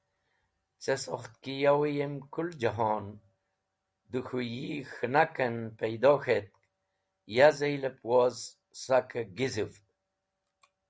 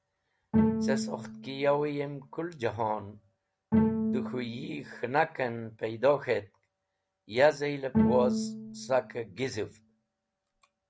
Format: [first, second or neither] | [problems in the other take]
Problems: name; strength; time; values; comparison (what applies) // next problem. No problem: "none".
first | background sound (Bowed string instrument); 1 dB below the speech